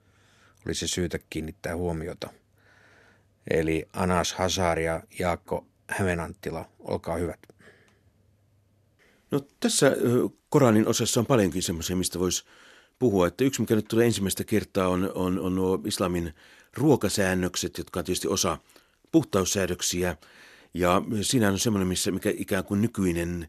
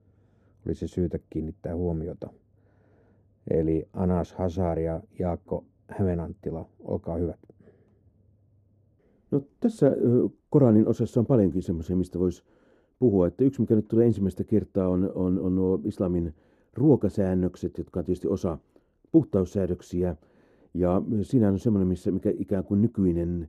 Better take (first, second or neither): first